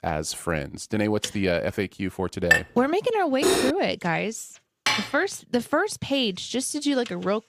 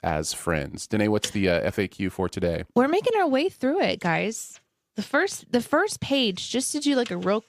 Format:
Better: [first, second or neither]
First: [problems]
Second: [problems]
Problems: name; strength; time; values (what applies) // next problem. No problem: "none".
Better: second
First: clattering dishes; loud; at 2.5 s, at 3.5 s and at 5 s; peak 5 dB above the speech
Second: none